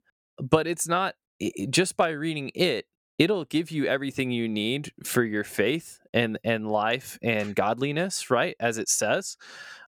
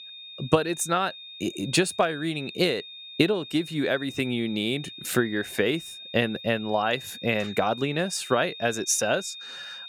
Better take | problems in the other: first | high-pitched whine; noticeable; throughout; 3.5 kHz, 15 dB below the speech

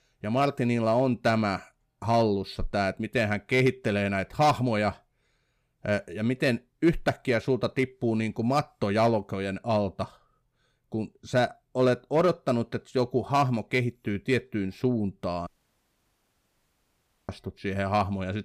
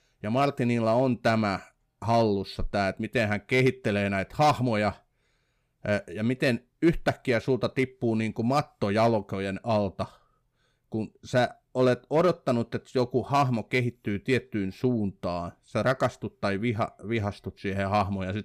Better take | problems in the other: second | audio cutting out; at 15 s for 2 s

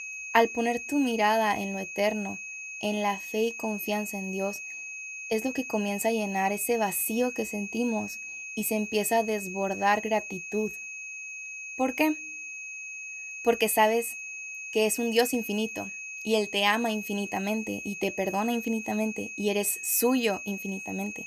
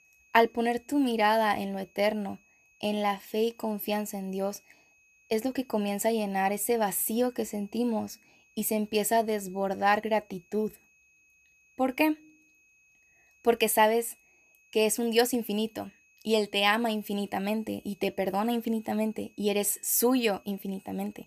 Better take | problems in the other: second | high-pitched whine; loud; throughout; 2.5 kHz, 8 dB below the speech; faint in the second

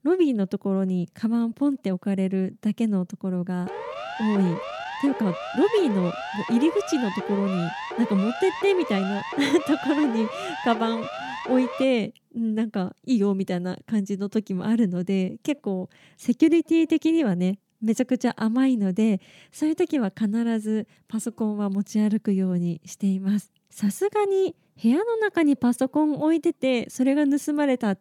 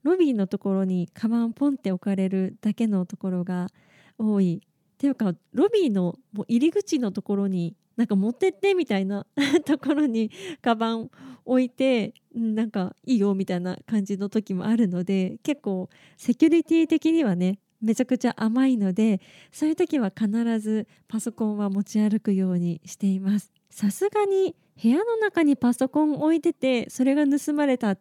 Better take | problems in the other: second | siren; noticeable; from 3.5 to 12 s; peak 8 dB below the speech

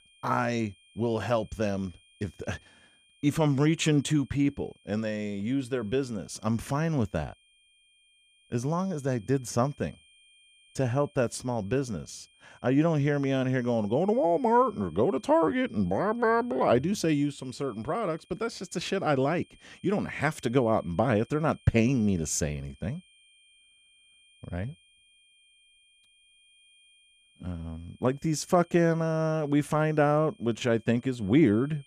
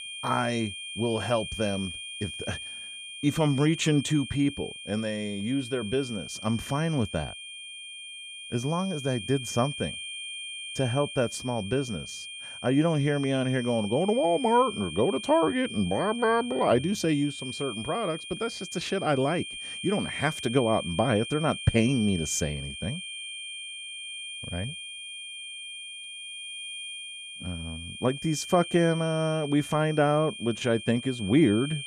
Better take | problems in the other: first | high-pitched whine; loud; throughout; 3 kHz, 9 dB below the speech; faint in the first

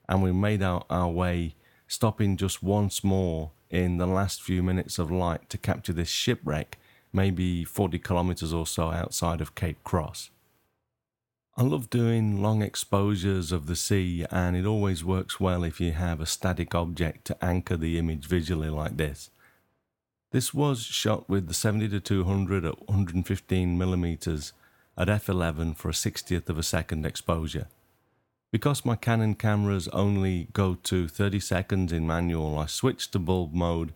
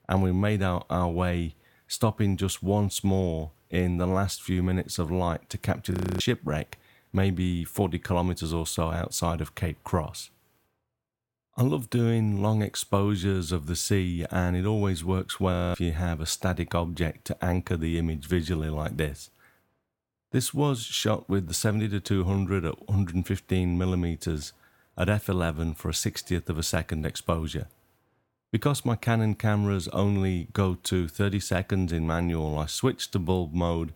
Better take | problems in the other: first | audio freezing; at 6 s and at 16 s

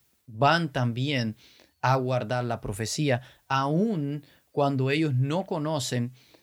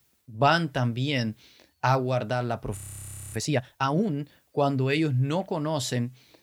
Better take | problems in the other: first | audio freezing; at 3 s for 0.5 s

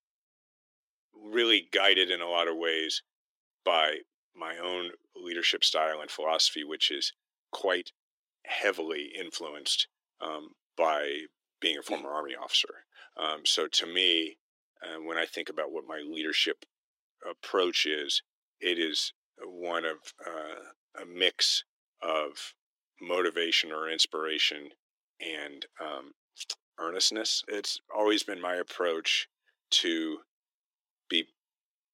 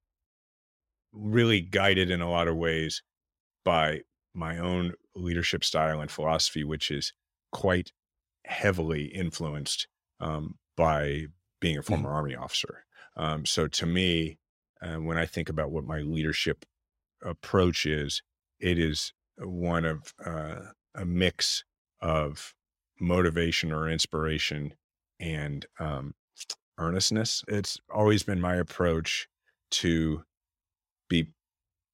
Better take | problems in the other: second | thin; very; fading below 300 Hz

